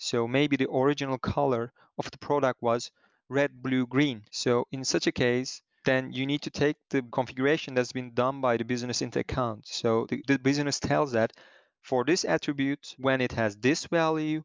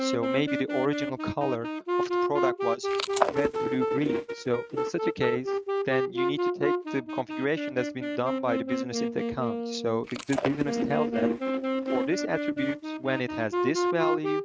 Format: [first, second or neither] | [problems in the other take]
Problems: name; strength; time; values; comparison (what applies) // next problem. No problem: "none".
first | noise reduction (neural mask model RNNoise)